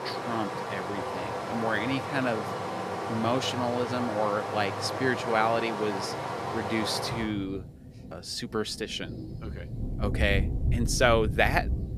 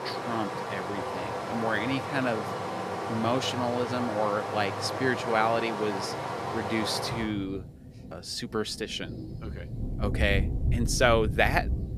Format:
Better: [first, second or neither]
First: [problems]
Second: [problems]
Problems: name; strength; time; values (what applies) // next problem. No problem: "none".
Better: neither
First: rain or running water; loud; throughout; 3 dB below the speech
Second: rain or running water; loud; throughout; 3 dB below the speech